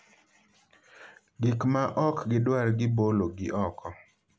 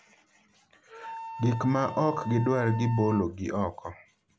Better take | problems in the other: first | background sound (Wind instrument, woodwind instrument); 13 dB below the speech

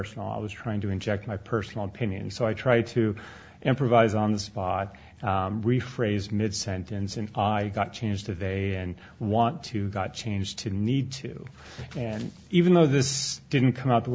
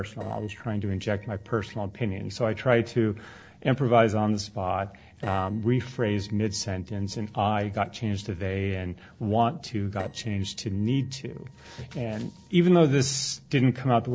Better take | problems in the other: first | noise reduction (neural separator model SepFormer DNS4)

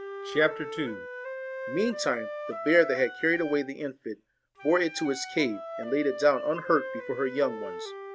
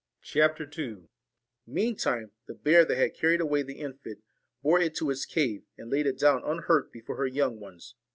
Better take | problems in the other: second | background sound (Wind instrument, woodwind instrument); 10 dB below the speech

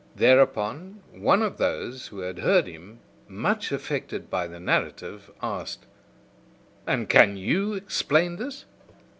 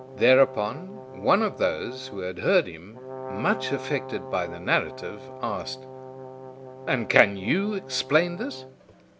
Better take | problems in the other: first | background sound (Brass instrument); 13 dB below the speech

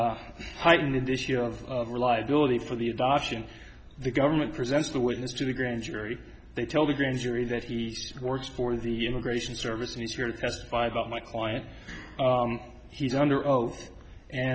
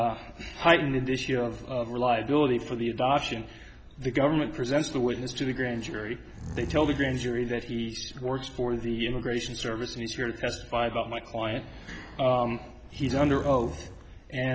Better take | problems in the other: first | background sound (Breathing); 13 dB below the speech

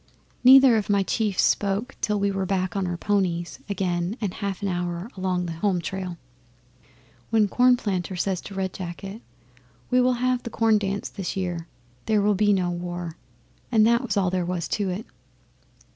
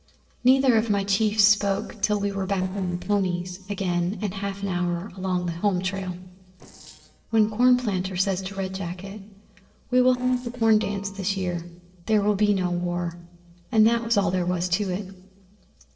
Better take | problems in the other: first | noise reduction (neural separator model SepFormer DNS4)

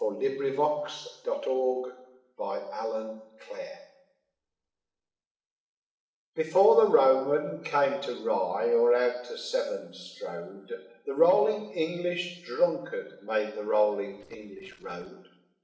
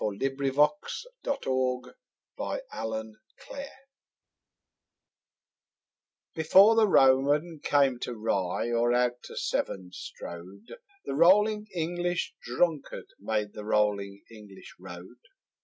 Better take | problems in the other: second | noise reduction (neural separator model SepFormer DNS4)

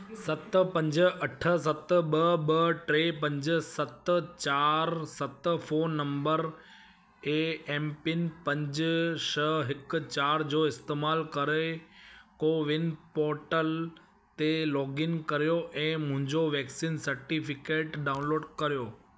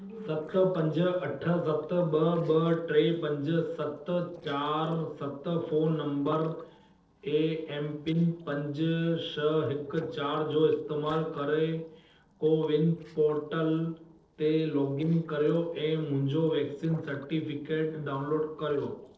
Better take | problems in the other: first | noise reduction (neural separator model SepFormer DNS4)

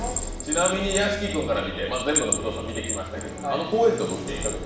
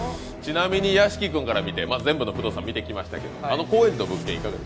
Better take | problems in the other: second | background sound (Bell); 6 dB below the speech // room echo; dies away in 0.6 s

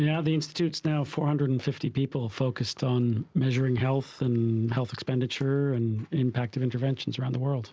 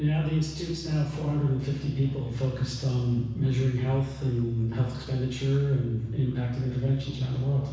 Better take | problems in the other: first | background sound (Musical instrument); 17 dB below the speech // room echo; dies away in 1.1 s

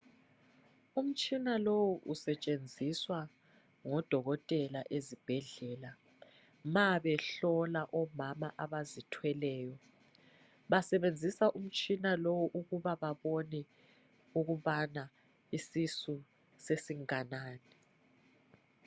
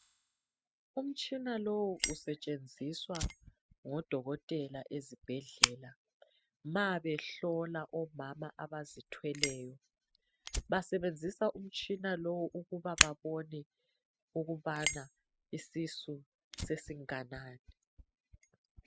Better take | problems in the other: first | noise reduction (classical method spectral subtraction)

